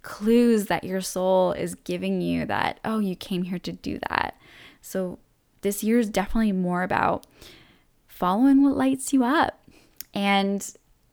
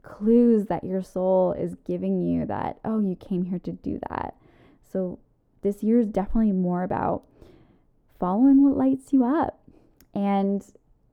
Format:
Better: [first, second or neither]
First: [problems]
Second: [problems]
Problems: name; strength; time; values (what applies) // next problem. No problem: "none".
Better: first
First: none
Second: muffled; very; fading above 1.5 kHz